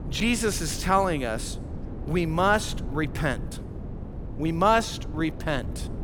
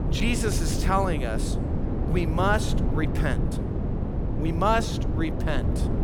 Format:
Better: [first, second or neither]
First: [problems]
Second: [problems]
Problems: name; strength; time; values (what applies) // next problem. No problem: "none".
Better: first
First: wind noise on the microphone; occasional gusts; 20 dB below the speech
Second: wind noise on the microphone; heavy; 8 dB below the speech